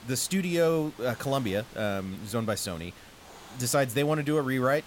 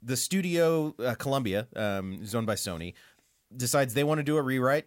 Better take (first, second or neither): second